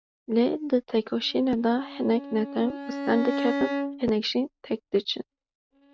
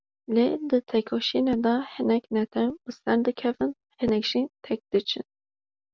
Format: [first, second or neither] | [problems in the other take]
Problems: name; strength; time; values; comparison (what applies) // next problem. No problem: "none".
second | noise reduction (neural mask model RNNoise)